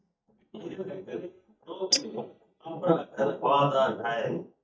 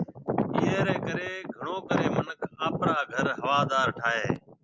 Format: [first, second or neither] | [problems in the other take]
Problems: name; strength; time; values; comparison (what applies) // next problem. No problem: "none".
second | noise reduction (neural mask model DeepFilterNet 3)